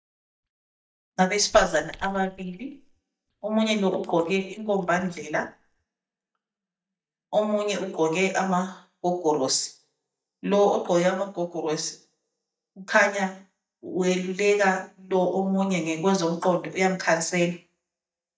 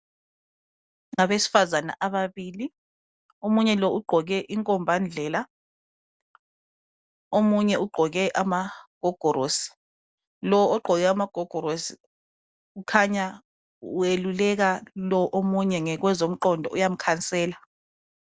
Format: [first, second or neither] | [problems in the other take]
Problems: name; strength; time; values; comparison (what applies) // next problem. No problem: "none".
second | noise reduction (neural mask model DeepFilterNet 3)